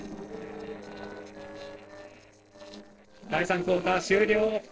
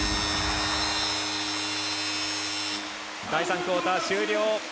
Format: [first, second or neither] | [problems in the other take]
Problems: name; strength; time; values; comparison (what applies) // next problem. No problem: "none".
second | noise reduction (neural separator model SepFormer DNS4)